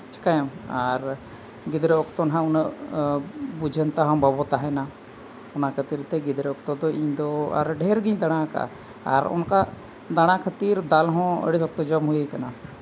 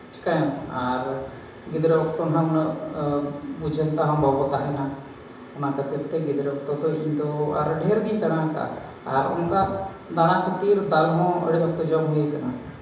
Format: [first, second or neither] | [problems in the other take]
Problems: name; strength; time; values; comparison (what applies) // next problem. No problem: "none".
first | room echo; dies away in 0.9 s